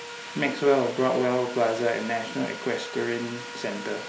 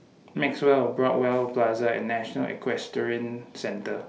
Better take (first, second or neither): second